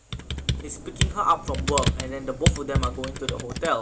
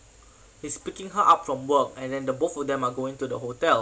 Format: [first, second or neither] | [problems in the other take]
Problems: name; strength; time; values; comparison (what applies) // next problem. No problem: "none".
second | background sound (Computer keyboard); 2 dB above the speech